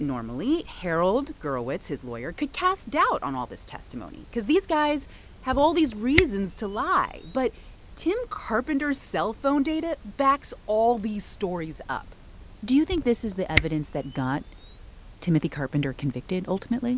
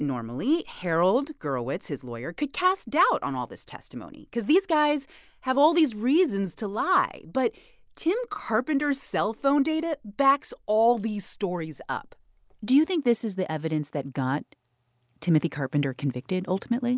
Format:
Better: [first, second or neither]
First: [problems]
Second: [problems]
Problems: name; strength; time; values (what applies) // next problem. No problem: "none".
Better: second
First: background sound (Camera); 11 dB below the speech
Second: none